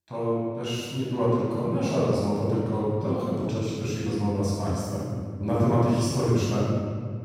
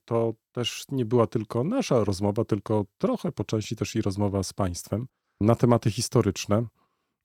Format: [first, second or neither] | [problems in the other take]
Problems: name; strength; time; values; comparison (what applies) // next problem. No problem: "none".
second | off-mic speech; far // room echo; strong; dies away in 2 s